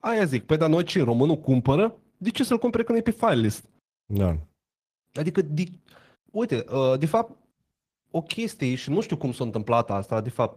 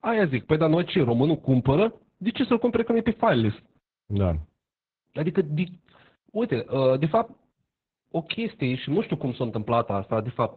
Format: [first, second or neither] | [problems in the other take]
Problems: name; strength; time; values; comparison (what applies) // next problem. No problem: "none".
first | garbled, watery; badly; nothing above 4 kHz; slightly in the first